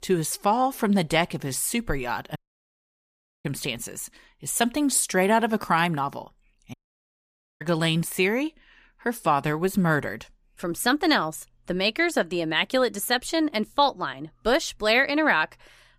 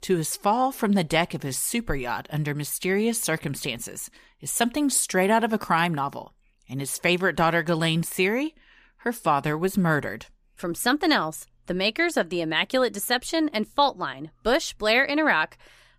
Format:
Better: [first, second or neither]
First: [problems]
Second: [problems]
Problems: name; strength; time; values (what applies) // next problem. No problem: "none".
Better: second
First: audio cutting out; at 2.5 s for 1 s and at 6.5 s for 1 s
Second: none